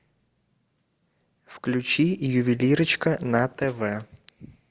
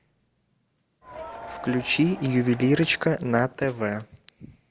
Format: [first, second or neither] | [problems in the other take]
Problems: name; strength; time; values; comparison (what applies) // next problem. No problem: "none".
first | background sound (Crowd); 14 dB below the speech